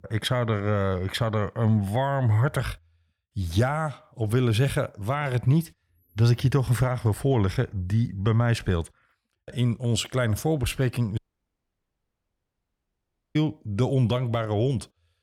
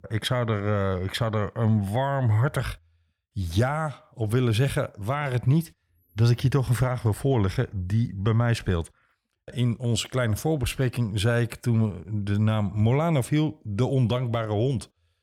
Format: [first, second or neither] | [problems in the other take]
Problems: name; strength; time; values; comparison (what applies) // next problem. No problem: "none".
second | audio cutting out; at 11 s for 2 s